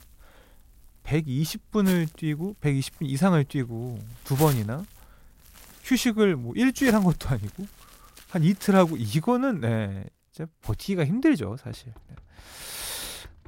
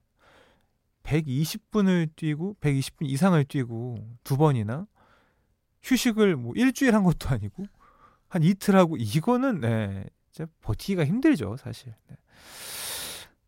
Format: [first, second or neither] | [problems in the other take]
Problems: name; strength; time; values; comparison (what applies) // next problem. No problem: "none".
second | household noises; noticeable; throughout; 20 dB below the speech